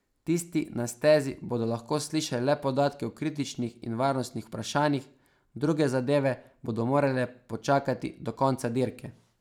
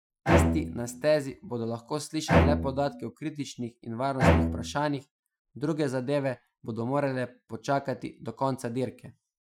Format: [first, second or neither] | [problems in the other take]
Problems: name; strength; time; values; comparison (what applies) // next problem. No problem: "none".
first | noise reduction (classical method Wiener filter)